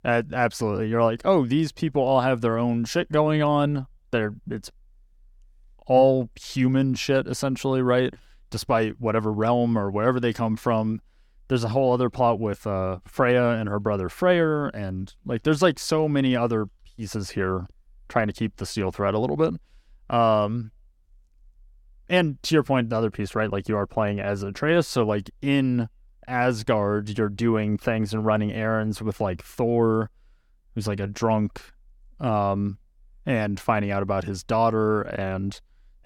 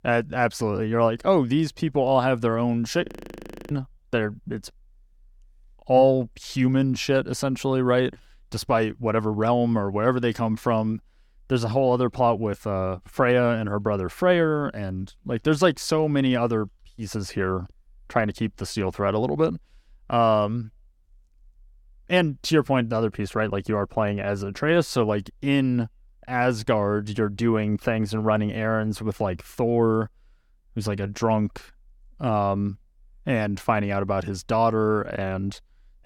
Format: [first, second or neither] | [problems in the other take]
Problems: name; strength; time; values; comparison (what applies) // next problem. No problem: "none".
first | audio freezing; at 3 s for 0.5 s